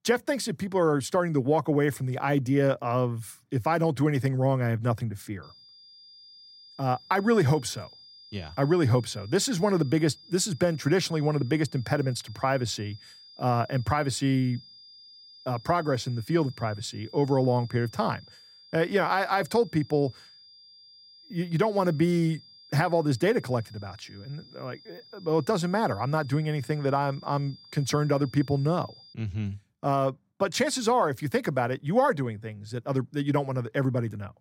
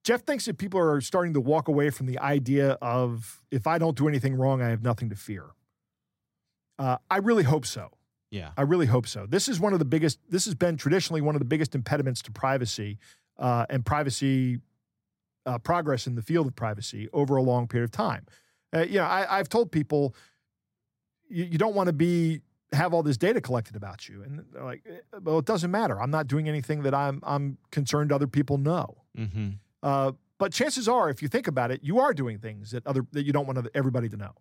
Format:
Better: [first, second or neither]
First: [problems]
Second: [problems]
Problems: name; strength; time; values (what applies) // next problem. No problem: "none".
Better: second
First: high-pitched whine; faint; from 5.5 to 29 s; 5 kHz, 20 dB below the speech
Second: none